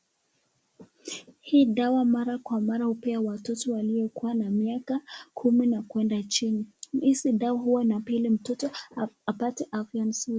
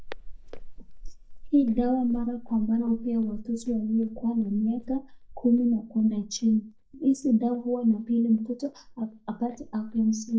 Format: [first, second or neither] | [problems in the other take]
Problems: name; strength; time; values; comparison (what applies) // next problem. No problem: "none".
first | noise reduction (neural mask model DeepFilterNet 3)